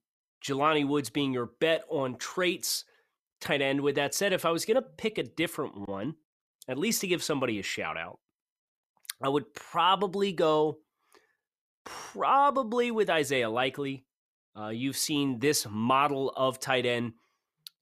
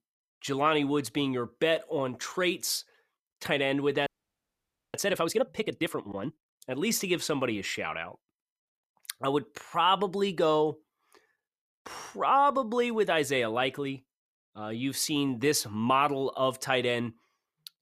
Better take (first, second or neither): first